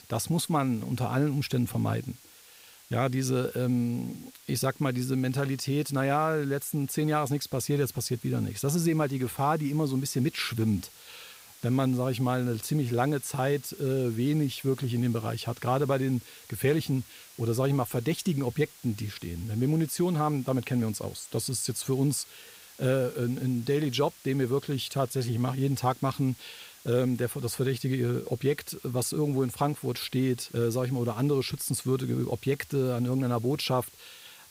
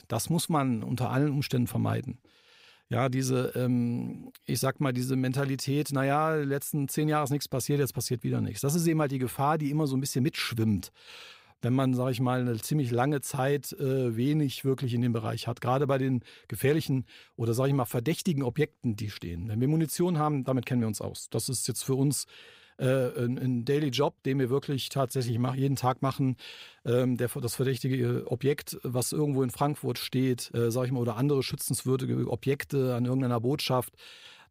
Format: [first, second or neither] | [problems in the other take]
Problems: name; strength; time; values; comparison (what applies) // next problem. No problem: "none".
second | hiss; faint; throughout; 20 dB below the speech